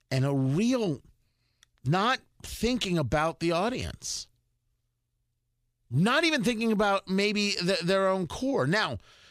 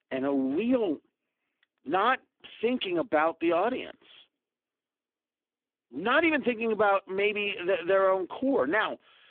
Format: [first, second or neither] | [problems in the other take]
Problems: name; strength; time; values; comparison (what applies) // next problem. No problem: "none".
first | phone-call audio; poor line